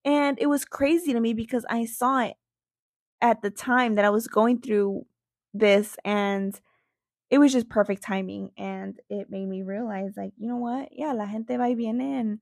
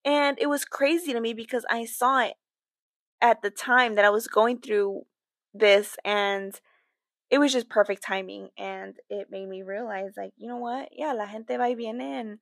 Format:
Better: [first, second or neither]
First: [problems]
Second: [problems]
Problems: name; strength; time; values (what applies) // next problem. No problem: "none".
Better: first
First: none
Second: thin; somewhat; fading below 450 Hz